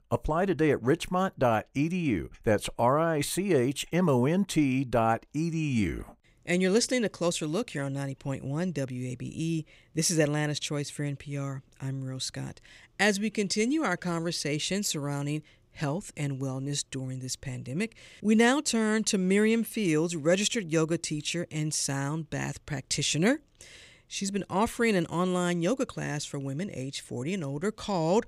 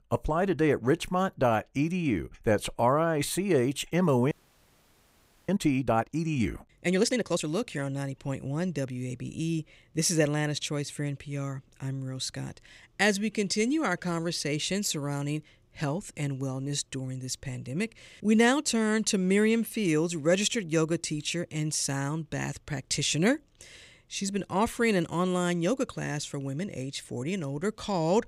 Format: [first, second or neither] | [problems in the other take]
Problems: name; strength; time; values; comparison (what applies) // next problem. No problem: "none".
first | audio freezing; at 4.5 s for 1 s